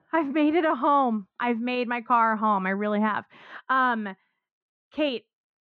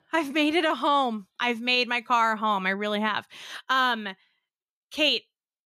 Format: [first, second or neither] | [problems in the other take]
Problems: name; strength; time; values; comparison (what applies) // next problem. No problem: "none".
second | muffled; very; fading above 1.5 kHz